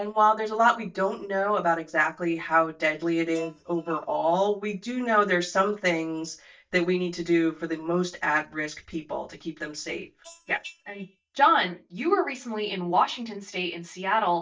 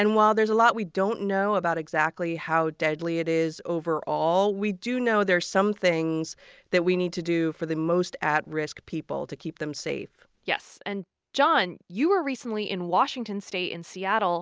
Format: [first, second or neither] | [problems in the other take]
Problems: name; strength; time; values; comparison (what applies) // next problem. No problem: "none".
second | noise reduction (neural mask model DeepFilterNet 3)